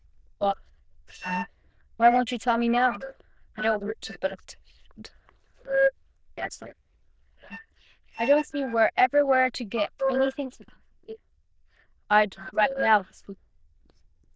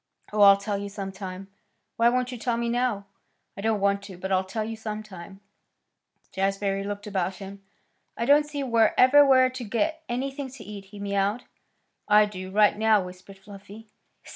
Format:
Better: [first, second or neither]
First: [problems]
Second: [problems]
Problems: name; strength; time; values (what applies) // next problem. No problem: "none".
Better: second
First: noise reduction (neural diffusion model UNIVERSE++)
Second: none